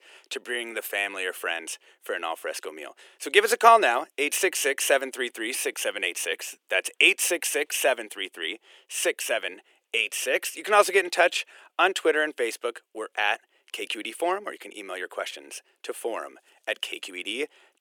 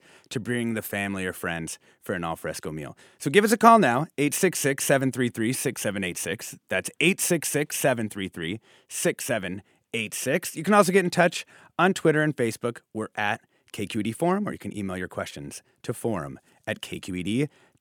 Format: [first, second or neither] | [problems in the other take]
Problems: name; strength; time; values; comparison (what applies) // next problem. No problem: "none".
second | thin; very; fading below 350 Hz